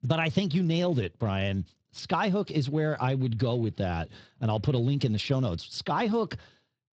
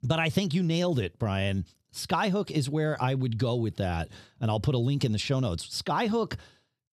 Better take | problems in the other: second | garbled, watery; slightly; nothing above 8 kHz

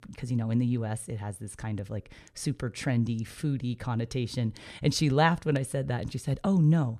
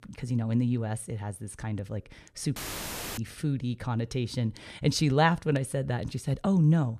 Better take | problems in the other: first | audio cutting out; filled with static; at 2.5 s for 0.5 s

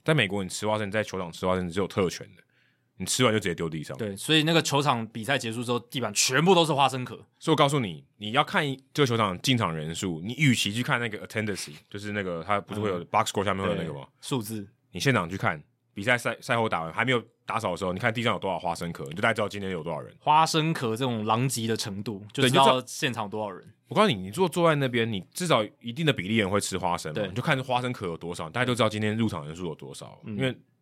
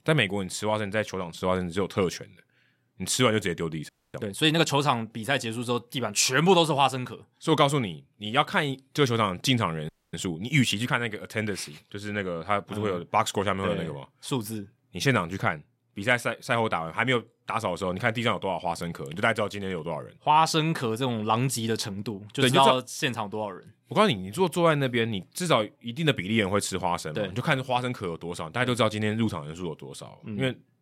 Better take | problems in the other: first | audio freezing; at 4 s and at 10 s

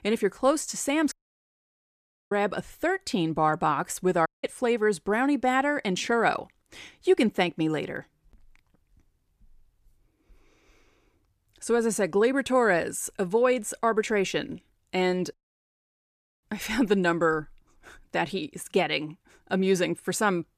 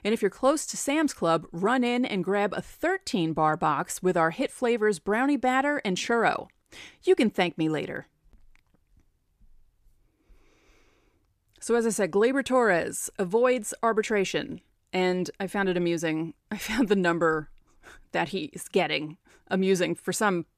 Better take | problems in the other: second | audio cutting out; at 1 s for 1 s, at 4.5 s and at 15 s for 1 s

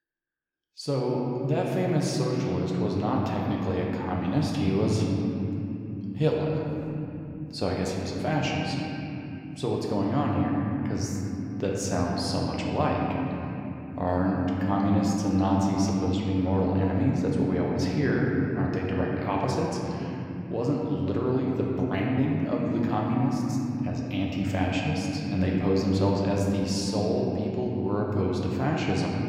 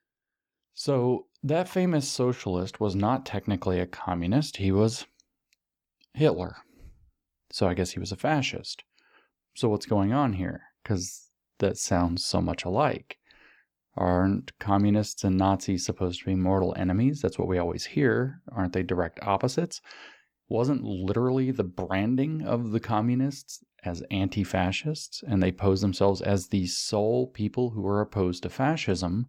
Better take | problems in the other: second | room echo; noticeable; dies away in 3 s // off-mic speech; somewhat distant

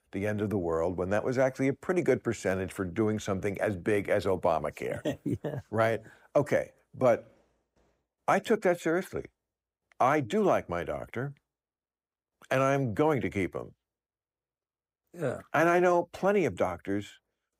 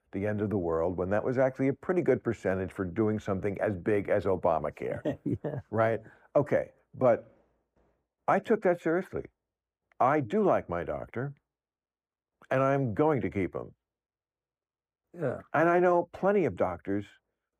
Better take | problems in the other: first | muffled; slightly; fading above 2.5 kHz

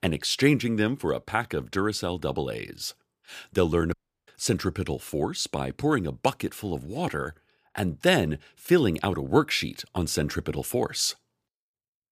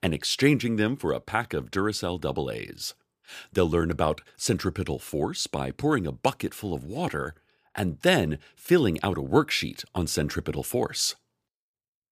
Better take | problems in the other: second | audio cutting out; at 4 s

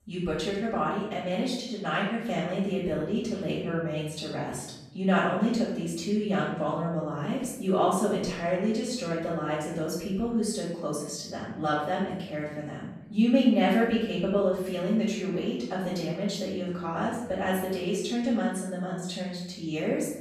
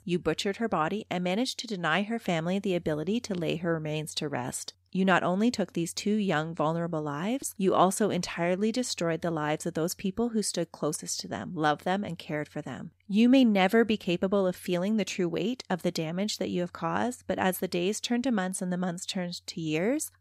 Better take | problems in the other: second | off-mic speech; far // room echo; noticeable; dies away in 0.8 s

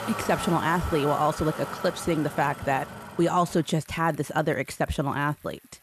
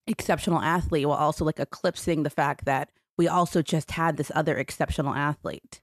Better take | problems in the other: second | traffic noise; loud; throughout; 10 dB below the speech

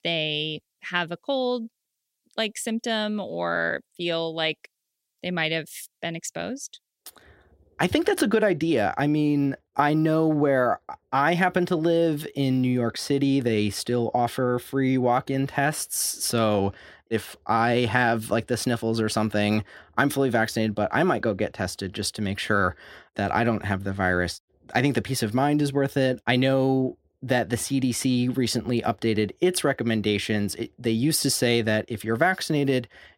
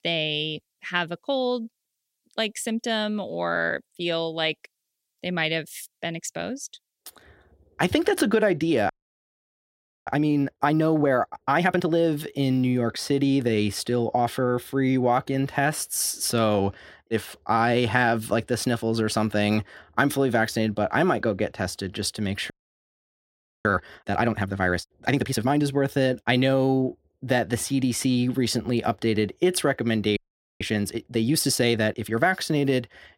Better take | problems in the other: first | audio freezing; at 9 s for 1 s, at 23 s for 1 s and at 30 s

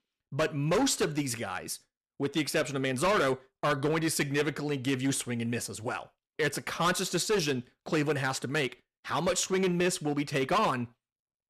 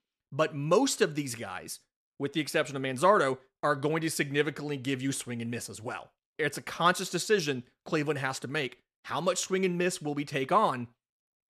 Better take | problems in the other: second | distortion; heavy; 9% of the sound clipped

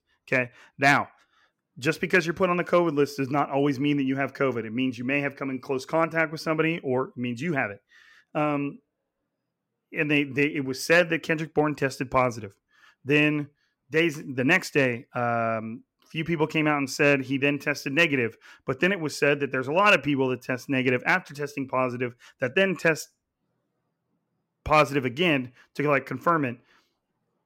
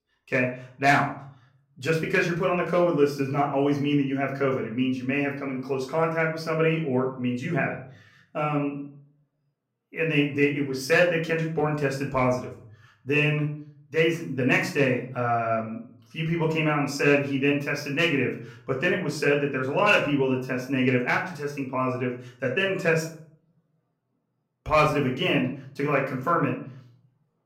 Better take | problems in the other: first | room echo; slight; dies away in 0.5 s // off-mic speech; far

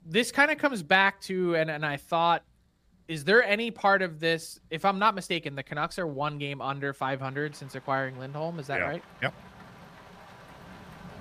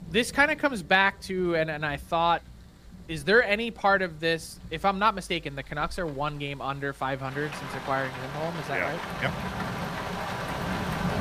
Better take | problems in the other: first | rain or running water; loud; throughout; 8 dB below the speech; faint in the first

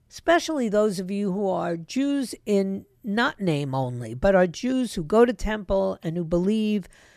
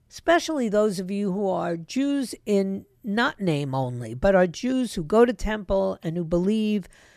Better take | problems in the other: neither | none

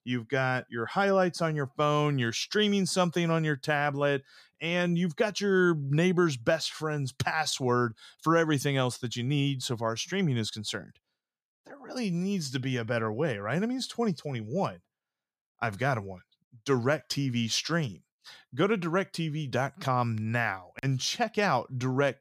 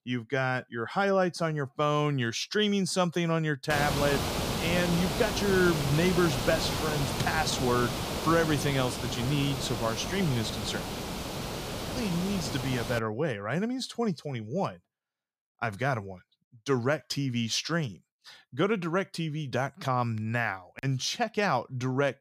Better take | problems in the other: first | hiss; loud; from 3.5 to 13 s; 3 dB below the speech

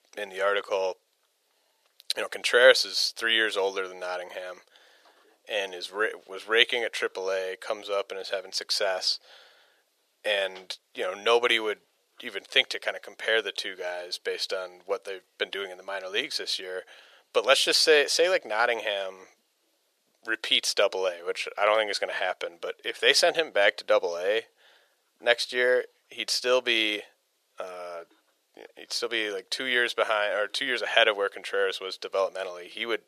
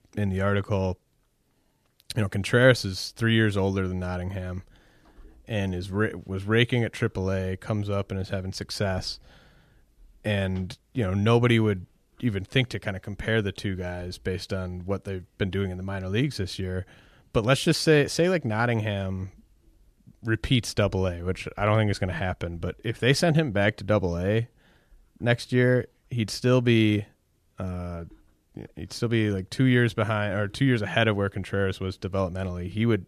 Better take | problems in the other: second | thin; very; fading below 500 Hz

